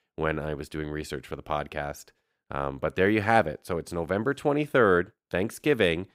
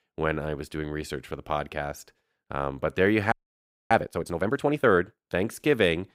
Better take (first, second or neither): first